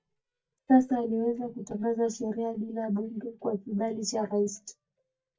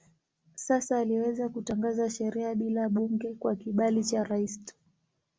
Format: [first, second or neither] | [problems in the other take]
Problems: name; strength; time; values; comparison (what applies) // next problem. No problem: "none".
second | noise reduction (neural mask model DeepFilterNet 3)